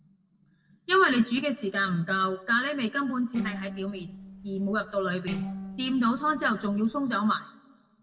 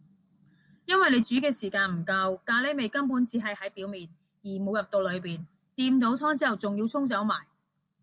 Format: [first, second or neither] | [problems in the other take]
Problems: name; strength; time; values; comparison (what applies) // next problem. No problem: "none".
second | noise reduction (neural separator model SepFormer DNS4)